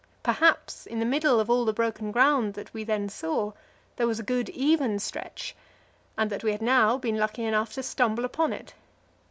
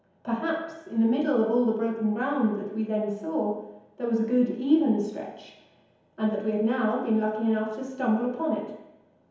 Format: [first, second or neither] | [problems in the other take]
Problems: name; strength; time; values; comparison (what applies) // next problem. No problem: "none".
first | room echo; dies away in 1 s